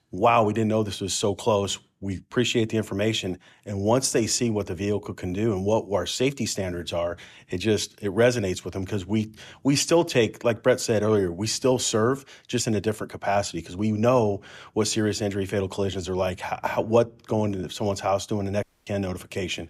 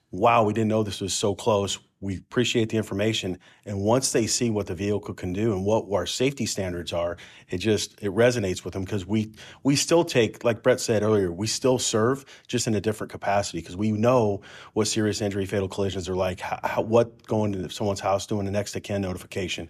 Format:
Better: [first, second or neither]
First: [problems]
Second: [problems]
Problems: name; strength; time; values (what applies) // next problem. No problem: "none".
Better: second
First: audio cutting out; at 19 s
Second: none